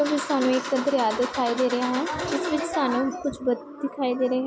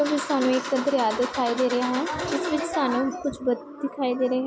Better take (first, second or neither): first